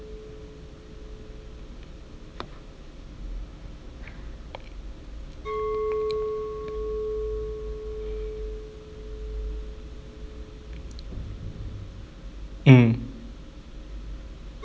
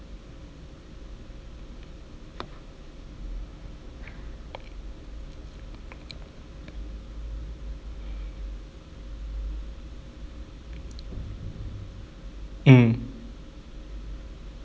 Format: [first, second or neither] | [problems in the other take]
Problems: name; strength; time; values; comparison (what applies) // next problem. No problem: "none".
second | background sound (Chink, clink); 8 dB below the speech